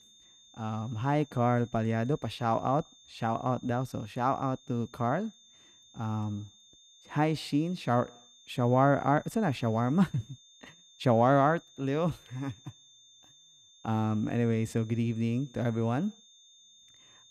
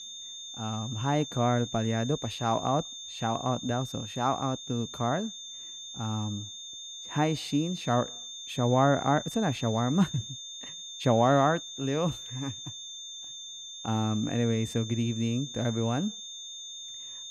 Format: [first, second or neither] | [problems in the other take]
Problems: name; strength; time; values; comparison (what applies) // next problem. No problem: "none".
first | high-pitched whine; loud; throughout; 3.5 kHz, 10 dB below the speech; faint in the first